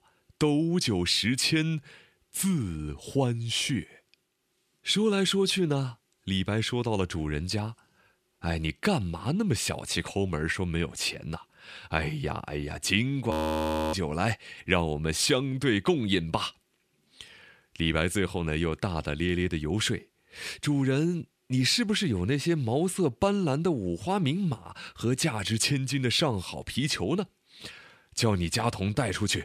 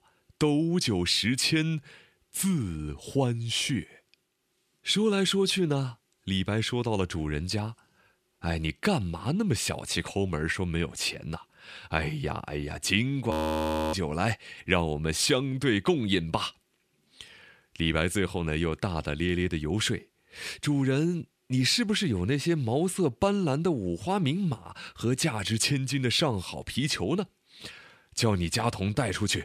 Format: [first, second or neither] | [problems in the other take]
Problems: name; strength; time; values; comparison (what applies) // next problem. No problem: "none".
neither | audio freezing; at 13 s for 0.5 s; the same in both